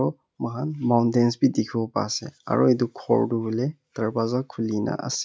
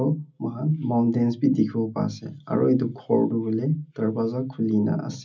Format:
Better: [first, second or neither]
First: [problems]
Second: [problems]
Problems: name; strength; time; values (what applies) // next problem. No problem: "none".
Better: first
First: none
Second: room echo; dies away in 0.4 s